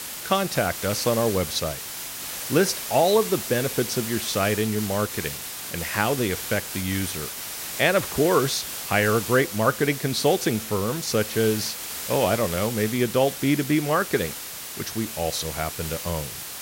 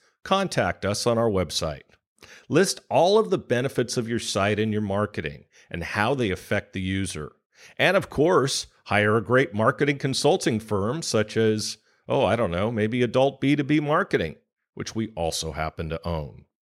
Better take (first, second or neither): second